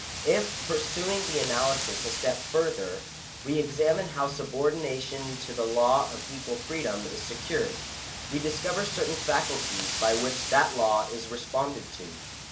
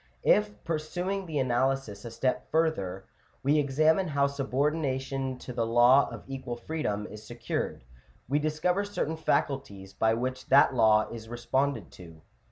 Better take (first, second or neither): second